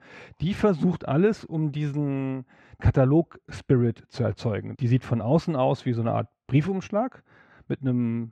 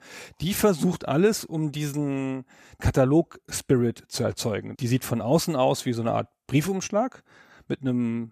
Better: second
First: muffled; slightly; fading above 2.5 kHz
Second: none

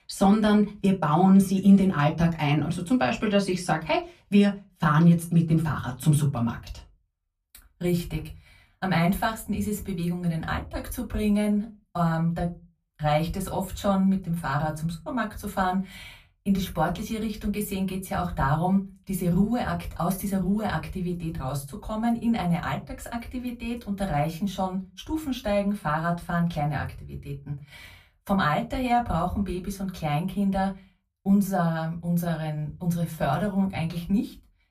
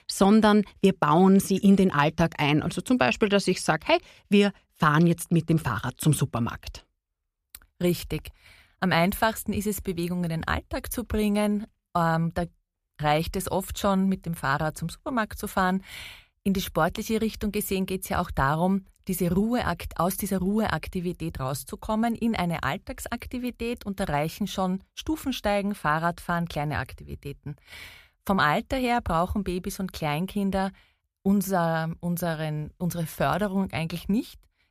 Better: second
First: off-mic speech; far // room echo; very slight; dies away in 0.2 s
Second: none

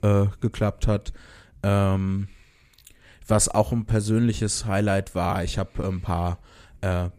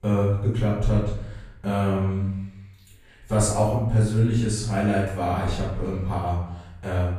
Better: first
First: none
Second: room echo; noticeable; dies away in 0.7 s // off-mic speech; far

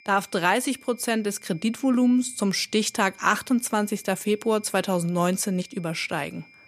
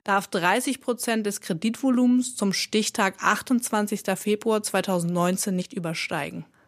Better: second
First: high-pitched whine; faint; throughout; 2.5 kHz, 25 dB below the speech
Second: none

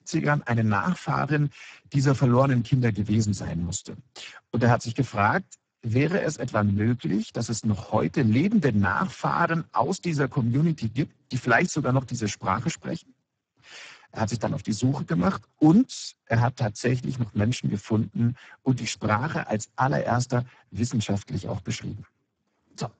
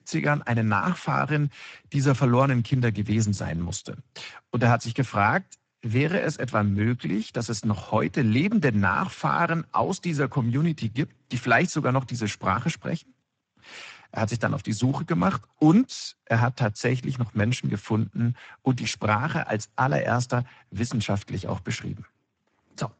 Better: second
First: garbled, watery; badly; nothing above 7.5 kHz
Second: garbled, watery; slightly; nothing above 8 kHz

